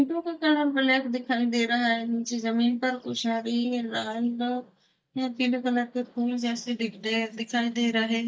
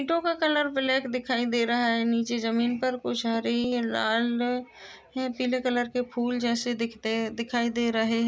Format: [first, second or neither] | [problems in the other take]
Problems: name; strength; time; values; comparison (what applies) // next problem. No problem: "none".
second | noise reduction (neural mask model DeepFilterNet 3)